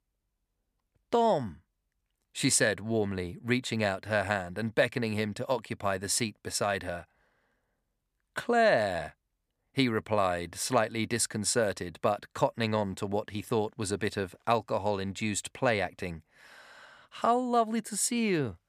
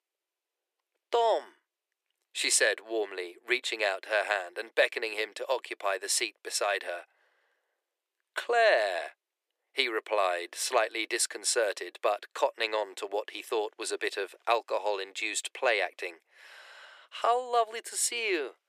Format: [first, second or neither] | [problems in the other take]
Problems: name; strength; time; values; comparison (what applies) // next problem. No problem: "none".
first | thin; very; fading below 350 Hz